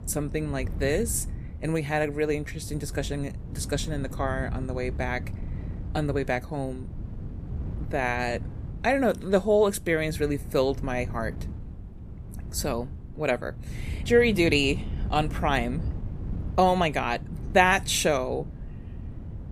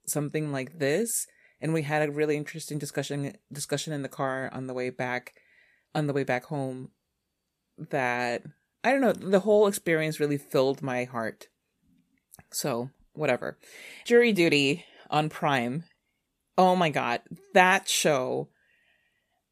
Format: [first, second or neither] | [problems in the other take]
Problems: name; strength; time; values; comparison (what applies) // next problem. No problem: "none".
second | wind noise on the microphone; occasional gusts; 20 dB below the speech